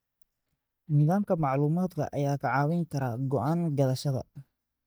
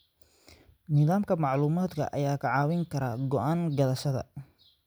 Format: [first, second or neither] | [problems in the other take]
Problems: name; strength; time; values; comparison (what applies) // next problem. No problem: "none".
second | noise reduction (neural mask model DeepFilterNet 3)